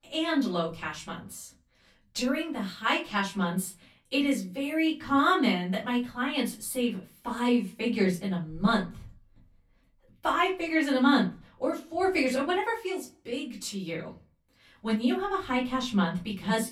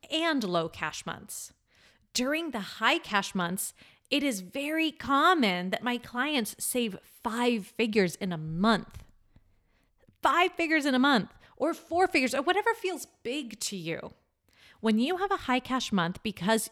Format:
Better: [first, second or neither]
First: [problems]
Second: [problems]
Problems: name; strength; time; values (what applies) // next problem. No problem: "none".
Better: second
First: off-mic speech; far // room echo; slight; dies away in 0.3 s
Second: none